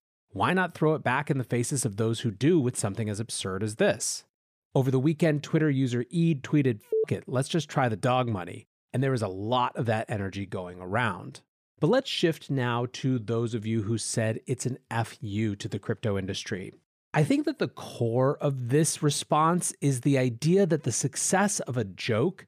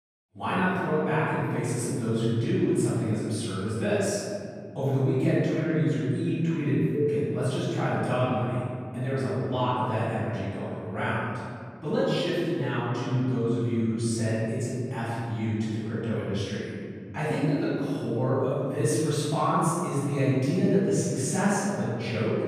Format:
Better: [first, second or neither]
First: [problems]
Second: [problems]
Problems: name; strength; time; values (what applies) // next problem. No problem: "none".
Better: first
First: none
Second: room echo; strong; dies away in 2.3 s // off-mic speech; far